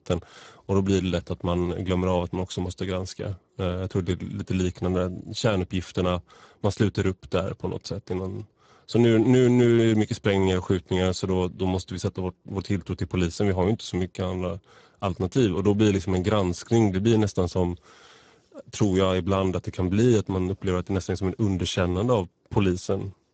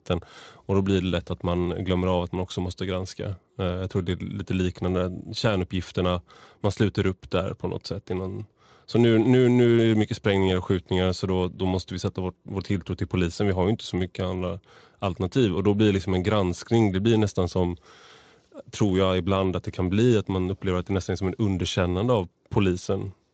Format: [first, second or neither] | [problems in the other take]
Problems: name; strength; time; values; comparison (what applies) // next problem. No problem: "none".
second | garbled, watery; badly; nothing above 7.5 kHz; slightly in the second